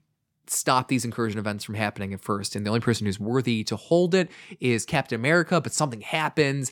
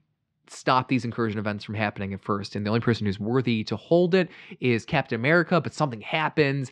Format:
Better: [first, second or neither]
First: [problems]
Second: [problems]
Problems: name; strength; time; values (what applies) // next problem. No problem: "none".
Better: first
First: none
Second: muffled; slightly; fading above 4 kHz